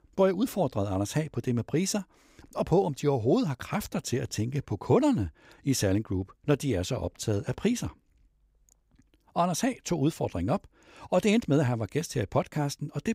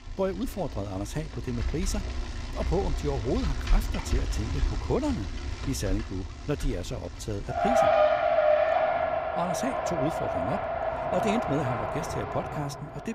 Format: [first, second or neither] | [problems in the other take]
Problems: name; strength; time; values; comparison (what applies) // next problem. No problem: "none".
first | traffic noise; very loud; throughout; 4 dB above the speech